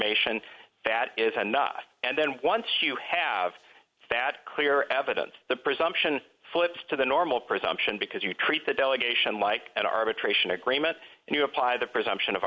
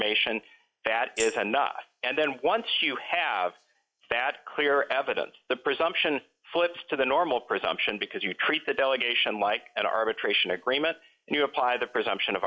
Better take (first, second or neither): first